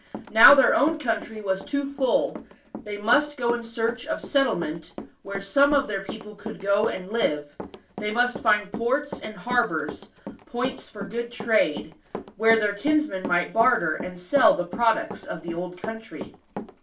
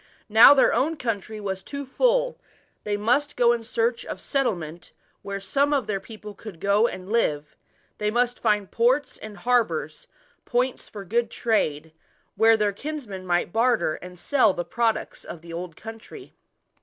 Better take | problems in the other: second | background sound (Run); 14 dB below the speech // room echo; dies away in 0.3 s

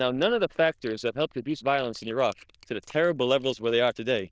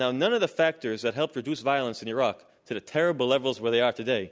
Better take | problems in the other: second | noise reduction (neural diffusion model UNIVERSE++)

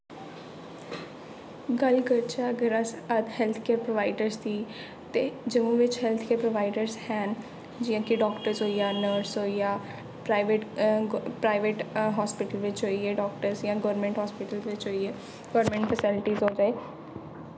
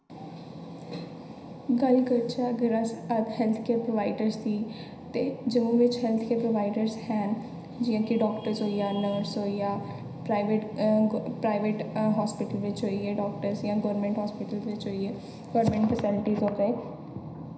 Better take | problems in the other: first | room echo; dies away in 0.9 s

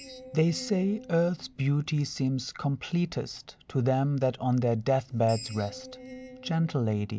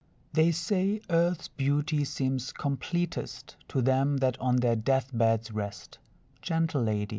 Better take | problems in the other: second | background sound (Screech); 20 dB below the speech

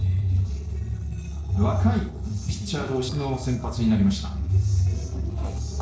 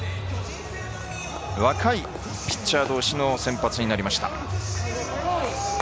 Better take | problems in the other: second | noise reduction (neural separator model SepFormer DNS4)

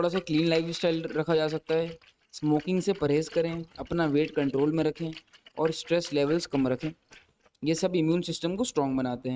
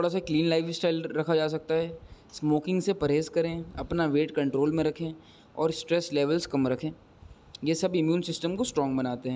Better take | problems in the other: second | noise reduction (neural mask model RNNoise)

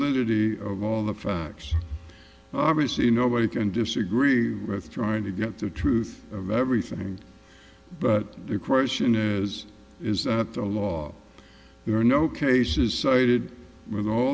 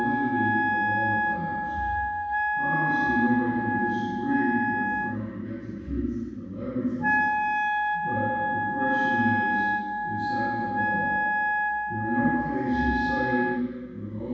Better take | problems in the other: first | background sound (Wind instrument, woodwind instrument); 3 dB above the speech // room echo; dies away in 2 s

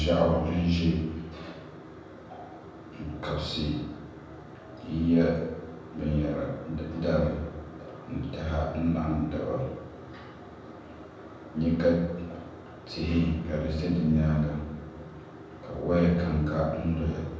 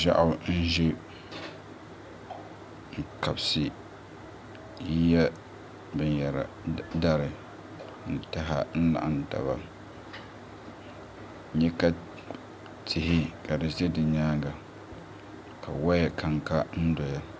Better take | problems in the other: second | room echo; dies away in 1.1 s

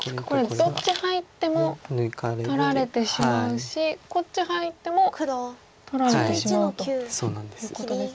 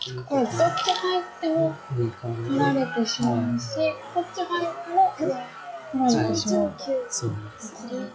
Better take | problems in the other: first | noise reduction (classical method log-MMSE)

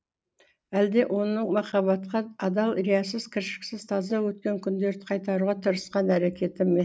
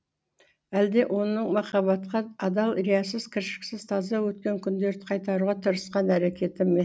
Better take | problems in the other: second | noise reduction (neural mask model Resemble Enhance denoiser)

